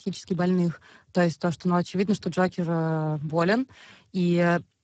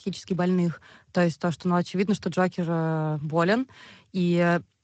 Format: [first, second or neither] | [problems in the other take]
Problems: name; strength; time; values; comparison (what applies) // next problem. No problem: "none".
second | garbled, watery; badly; nothing above 7.5 kHz; slightly in the second